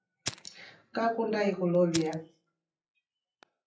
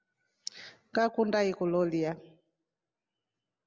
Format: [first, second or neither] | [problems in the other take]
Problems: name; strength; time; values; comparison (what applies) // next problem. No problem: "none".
second | noise reduction (classical method WPE with log-MMSE)